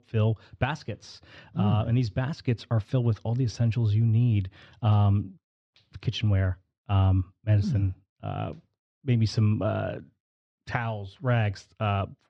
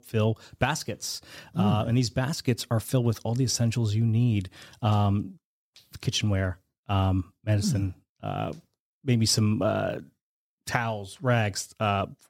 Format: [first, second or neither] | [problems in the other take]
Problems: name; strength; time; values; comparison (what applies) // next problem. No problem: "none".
second | muffled; slightly; fading above 3.5 kHz